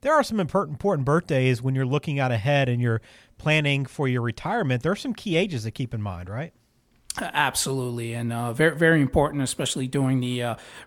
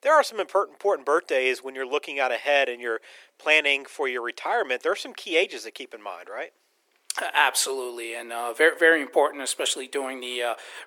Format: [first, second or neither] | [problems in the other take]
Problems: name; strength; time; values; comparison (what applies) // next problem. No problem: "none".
first | thin; very; fading below 350 Hz